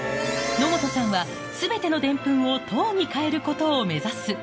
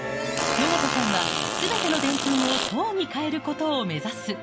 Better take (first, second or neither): first